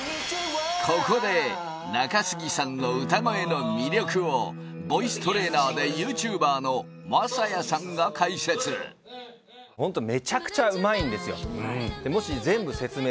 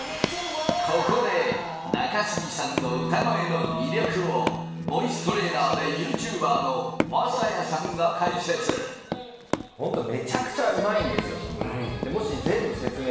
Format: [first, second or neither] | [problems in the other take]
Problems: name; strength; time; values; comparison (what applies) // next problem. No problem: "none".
first | background sound (Run); 8 dB below the speech // room echo; dies away in 0.9 s